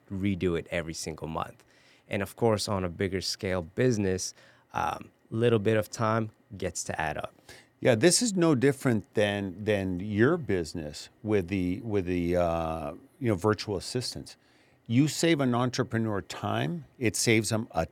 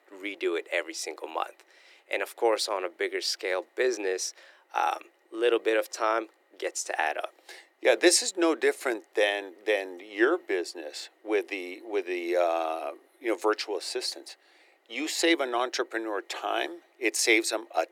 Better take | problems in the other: first | thin; very; fading below 350 Hz

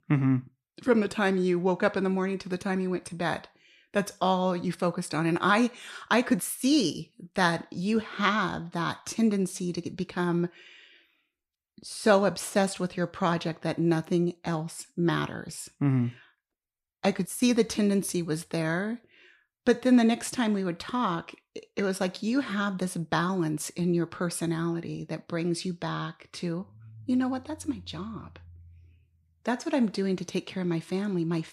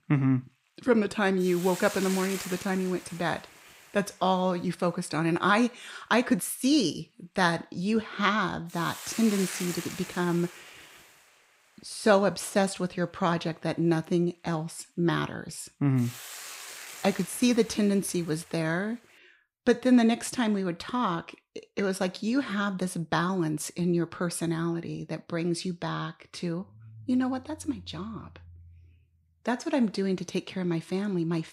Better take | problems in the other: first | hiss; noticeable; until 19 s; 10 dB below the speech

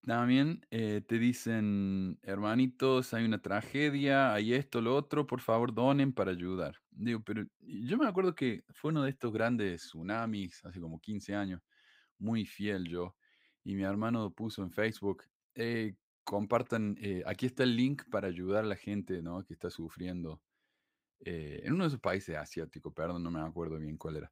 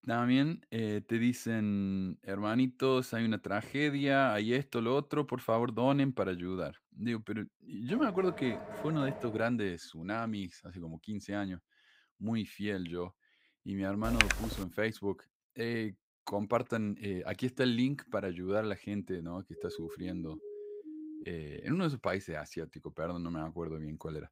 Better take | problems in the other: first | door banging; noticeable; from 8 to 9.5 s; peak 8 dB below the speech // keyboard typing; loud; at 14 s; peak 5 dB above the speech // siren; faint; from 20 to 21 s; peak 10 dB below the speech

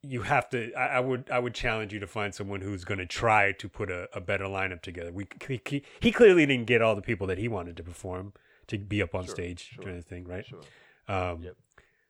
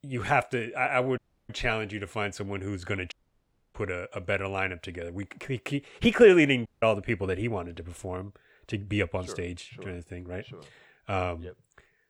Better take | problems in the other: first | audio cutting out; at 1 s, at 3 s for 0.5 s and at 6.5 s

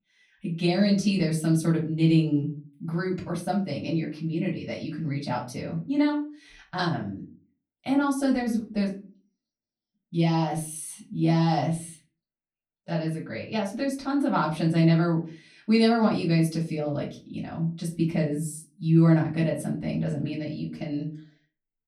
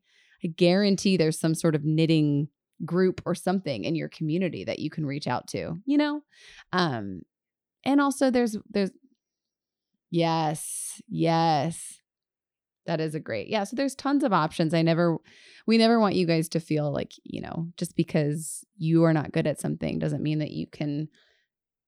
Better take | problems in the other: second | off-mic speech; far // room echo; very slight; dies away in 0.3 s

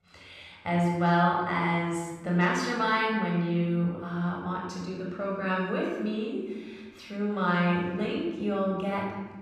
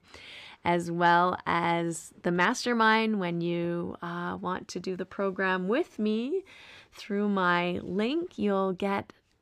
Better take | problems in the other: second | off-mic speech; far // room echo; noticeable; dies away in 1.2 s

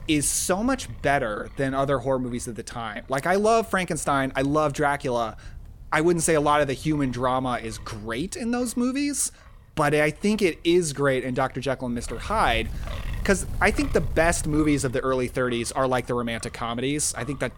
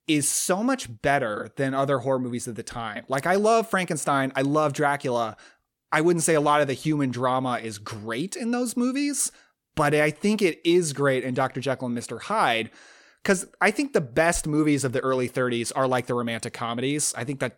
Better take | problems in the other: second | wind noise on the microphone; occasional gusts; 25 dB below the speech

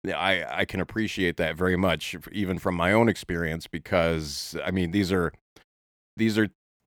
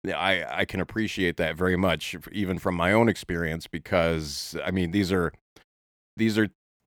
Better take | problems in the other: neither | none

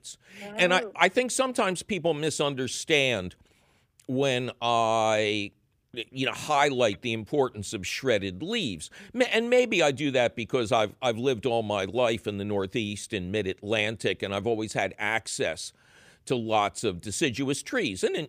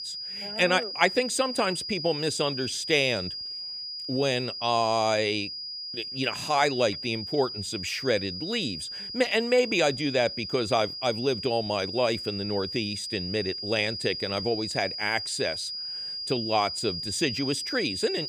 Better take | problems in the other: first | high-pitched whine; loud; throughout; 5 kHz, 6 dB below the speech

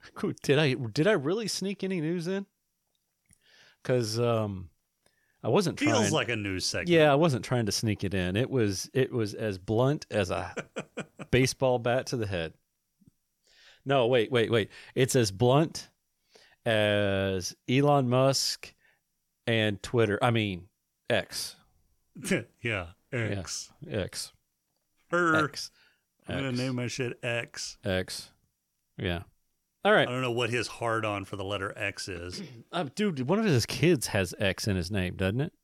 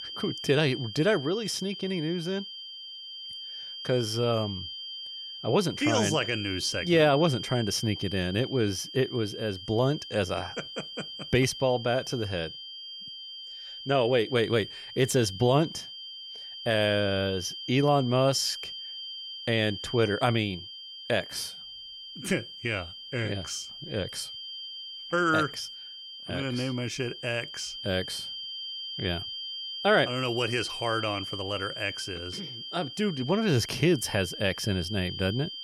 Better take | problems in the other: first | high-pitched whine; loud; throughout; 3 kHz, 9 dB below the speech

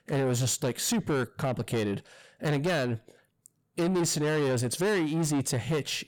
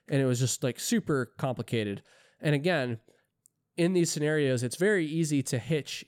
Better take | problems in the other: second | distortion; heavy; 8 dB below the speech

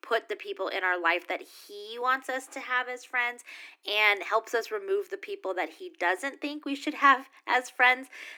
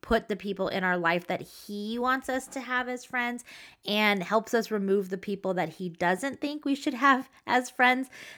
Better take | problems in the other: second | thin; somewhat; fading below 300 Hz

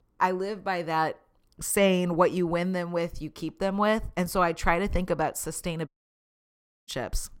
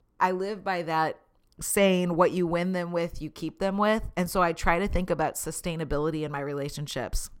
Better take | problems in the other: second | audio cutting out; at 6 s for 1 s

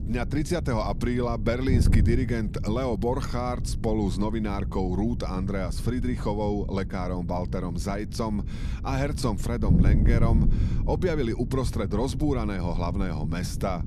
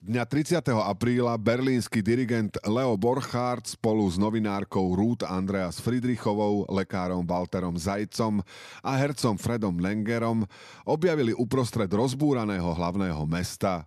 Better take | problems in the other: second | wind noise on the microphone; occasional gusts; 10 dB below the speech

